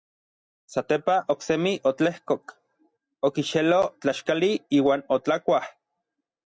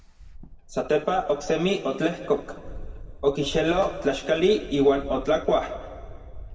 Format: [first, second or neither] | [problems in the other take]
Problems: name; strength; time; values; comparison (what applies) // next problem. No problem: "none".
first | background sound (Wind / Bird); 15 dB below the speech // room echo; dies away in 1.8 s